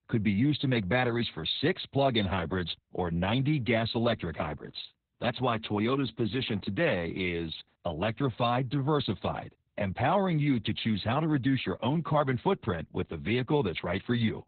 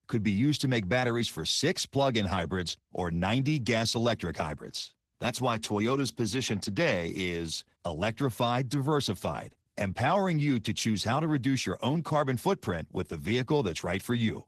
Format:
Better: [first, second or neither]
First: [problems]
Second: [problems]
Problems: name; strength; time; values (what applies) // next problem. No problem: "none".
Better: second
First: garbled, watery; badly; nothing above 4 kHz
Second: garbled, watery; slightly; nothing above 13.5 kHz